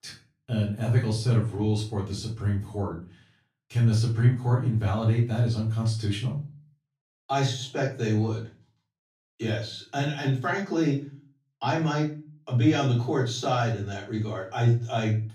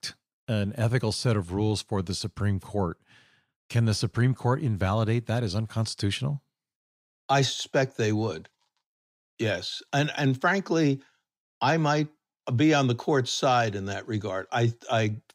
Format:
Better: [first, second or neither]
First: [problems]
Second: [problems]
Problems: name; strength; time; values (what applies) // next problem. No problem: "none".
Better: second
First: off-mic speech; far // room echo; slight; dies away in 0.3 s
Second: none